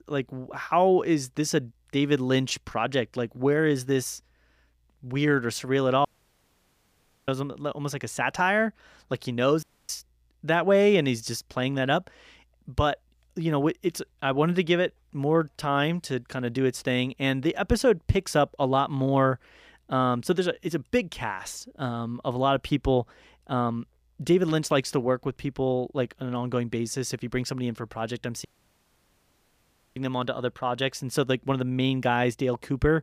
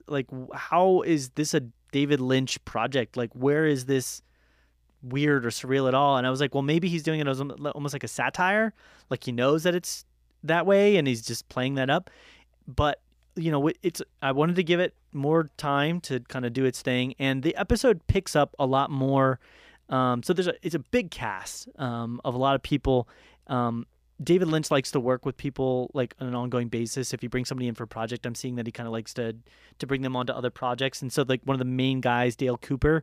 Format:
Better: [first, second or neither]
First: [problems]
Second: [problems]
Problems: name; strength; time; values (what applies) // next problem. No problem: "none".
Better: second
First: audio cutting out; at 6 s for 1 s, at 9.5 s and at 28 s for 1.5 s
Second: none